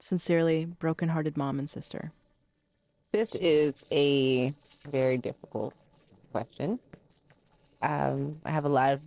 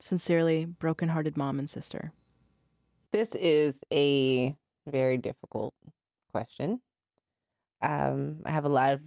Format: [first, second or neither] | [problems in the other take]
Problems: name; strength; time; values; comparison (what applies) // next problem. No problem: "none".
second | noise reduction (neural separator model SepFormer DNS4)